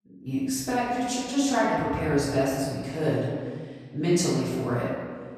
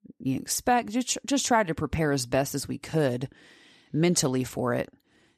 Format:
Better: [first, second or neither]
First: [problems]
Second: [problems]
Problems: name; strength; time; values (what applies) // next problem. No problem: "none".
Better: second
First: off-mic speech; far // room echo; strong; dies away in 1.6 s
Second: none